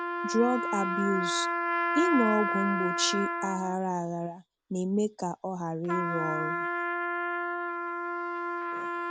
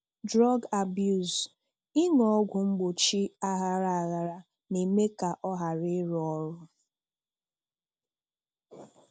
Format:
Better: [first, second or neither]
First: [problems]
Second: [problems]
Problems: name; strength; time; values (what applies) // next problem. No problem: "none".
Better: second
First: background sound (Trumpet); 1 dB below the speech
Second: none